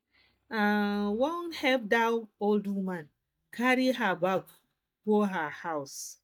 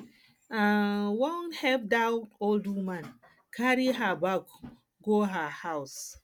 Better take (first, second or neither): second